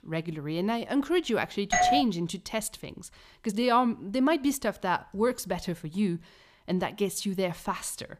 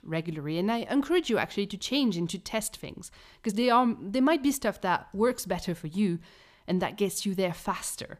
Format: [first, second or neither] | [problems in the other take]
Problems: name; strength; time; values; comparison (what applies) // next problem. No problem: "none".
second | doorbell; loud; at 1.5 s; peak 5 dB above the speech